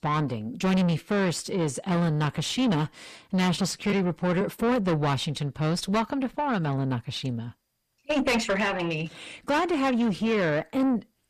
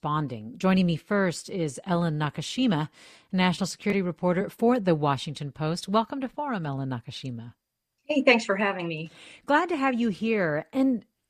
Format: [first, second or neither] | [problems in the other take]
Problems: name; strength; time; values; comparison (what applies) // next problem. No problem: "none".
second | distortion; heavy; 7 dB below the speech